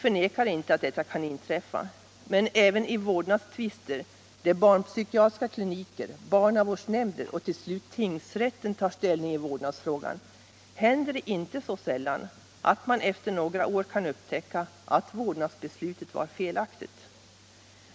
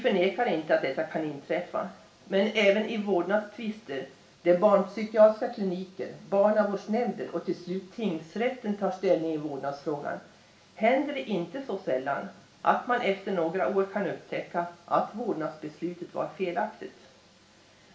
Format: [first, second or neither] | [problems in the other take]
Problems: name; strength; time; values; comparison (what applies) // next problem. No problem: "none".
first | room echo; dies away in 0.5 s